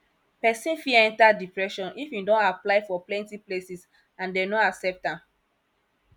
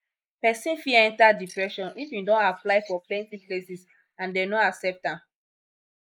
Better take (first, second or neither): first